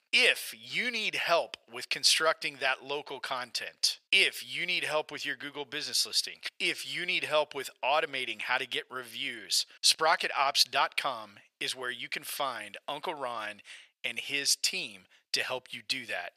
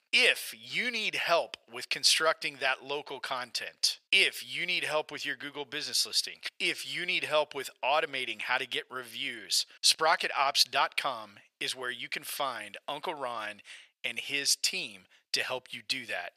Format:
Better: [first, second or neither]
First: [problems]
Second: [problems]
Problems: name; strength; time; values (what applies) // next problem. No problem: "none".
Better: neither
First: thin; very; fading below 900 Hz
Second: thin; very; fading below 900 Hz